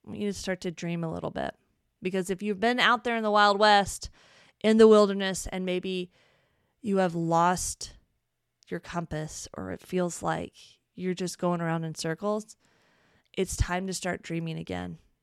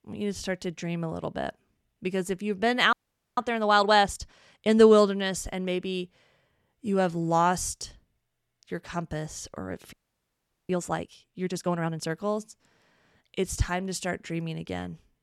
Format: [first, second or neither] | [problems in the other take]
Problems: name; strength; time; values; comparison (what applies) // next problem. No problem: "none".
first | audio freezing; at 3 s and at 10 s for 1 s